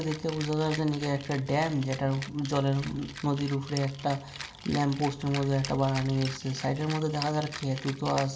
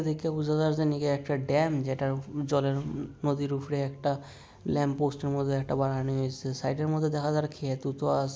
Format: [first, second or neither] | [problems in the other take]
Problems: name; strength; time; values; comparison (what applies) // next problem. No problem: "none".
second | background sound (Rattle (instrument)); 14 dB below the speech // room echo; dies away in 0.4 s